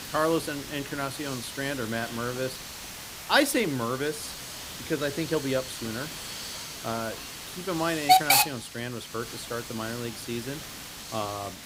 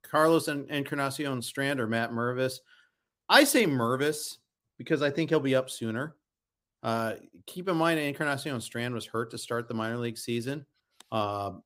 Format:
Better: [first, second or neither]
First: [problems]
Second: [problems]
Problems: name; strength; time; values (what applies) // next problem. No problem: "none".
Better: second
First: hiss; loud; throughout; 1 dB below the speech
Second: none